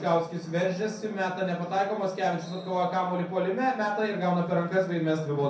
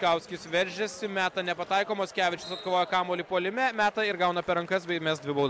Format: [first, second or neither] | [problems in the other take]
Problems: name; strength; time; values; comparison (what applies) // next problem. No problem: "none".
second | room echo; dies away in 0.6 s